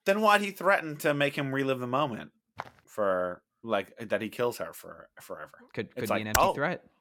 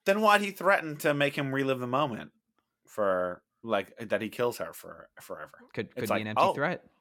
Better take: second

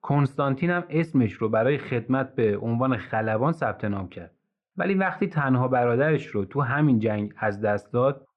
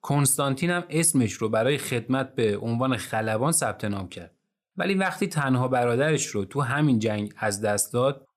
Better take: second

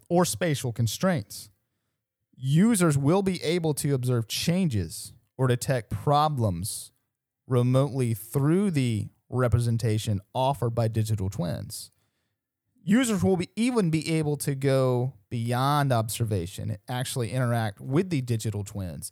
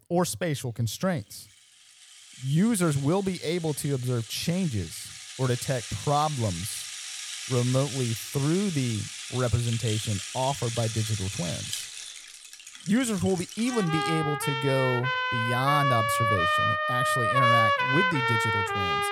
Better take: first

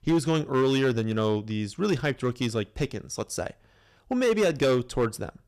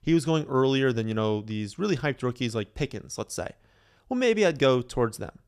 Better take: second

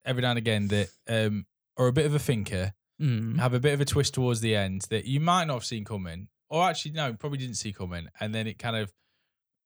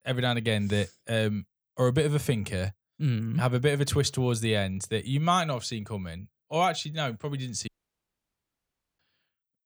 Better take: first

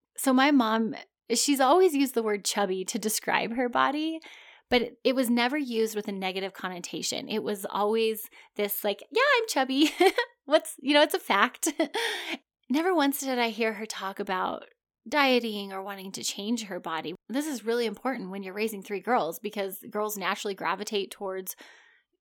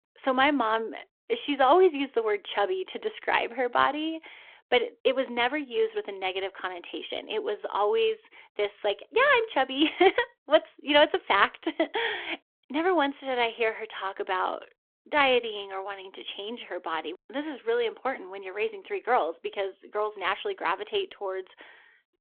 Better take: first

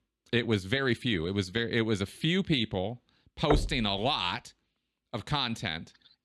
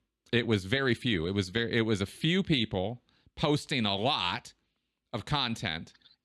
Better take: second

